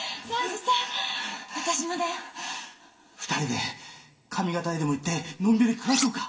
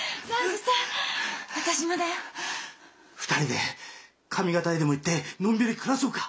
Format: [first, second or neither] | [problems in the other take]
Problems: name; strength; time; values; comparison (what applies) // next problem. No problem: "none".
second | background sound (Cutlery, silverware); 2 dB below the speech // room echo; dies away in 1.7 s